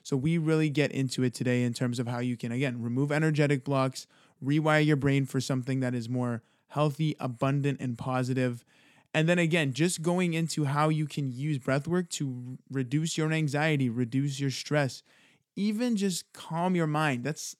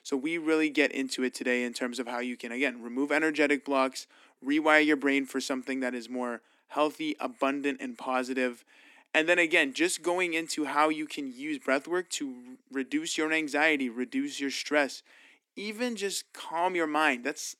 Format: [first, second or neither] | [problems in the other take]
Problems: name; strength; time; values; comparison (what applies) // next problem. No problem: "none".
first | thin; somewhat; fading below 250 Hz